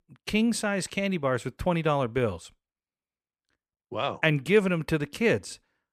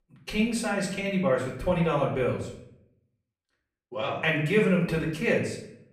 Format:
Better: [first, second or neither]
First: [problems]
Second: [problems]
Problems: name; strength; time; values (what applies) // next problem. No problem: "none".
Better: first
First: none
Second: room echo; noticeable; dies away in 0.6 s // off-mic speech; far